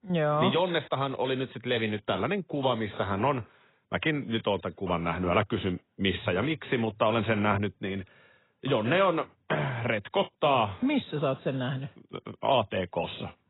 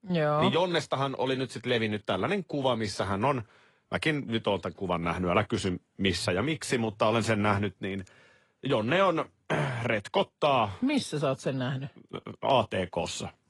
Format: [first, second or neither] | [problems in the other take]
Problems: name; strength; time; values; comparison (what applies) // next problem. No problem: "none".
second | garbled, watery; badly; nothing above 4 kHz; slightly in the second